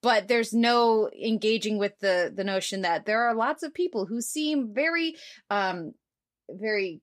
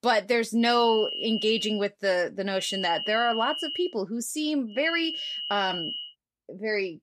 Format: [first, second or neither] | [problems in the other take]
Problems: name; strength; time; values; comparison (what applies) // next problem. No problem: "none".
first | high-pitched whine; loud; from 0.5 to 2 s, from 2.5 to 4 s and from 5 to 6 s; 3 kHz, 5 dB below the speech